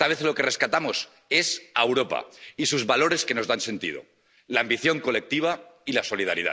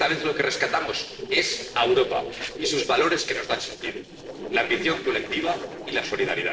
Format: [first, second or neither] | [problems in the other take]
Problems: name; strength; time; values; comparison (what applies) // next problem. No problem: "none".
first | noise reduction (neural separator model SepFormer DNS4)